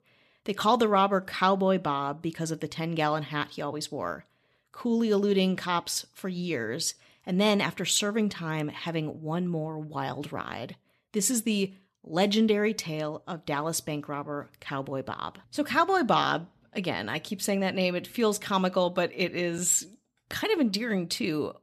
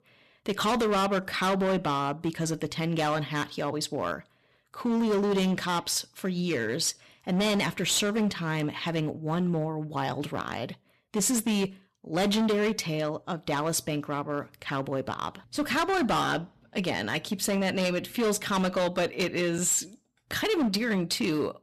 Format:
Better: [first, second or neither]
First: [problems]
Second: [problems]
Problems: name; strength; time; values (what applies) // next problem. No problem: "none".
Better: first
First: none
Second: distortion; heavy; 13% of the sound clipped